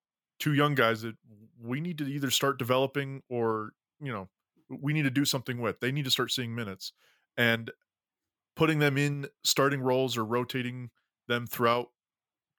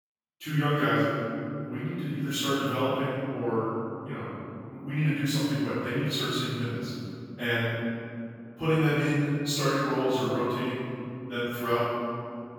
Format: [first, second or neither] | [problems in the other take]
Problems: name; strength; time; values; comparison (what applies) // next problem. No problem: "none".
first | off-mic speech; far // room echo; strong; dies away in 3 s